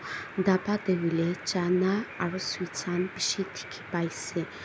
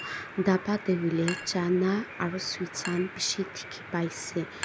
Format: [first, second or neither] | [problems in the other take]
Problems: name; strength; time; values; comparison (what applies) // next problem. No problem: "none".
first | background sound (Chink, clink); 15 dB below the speech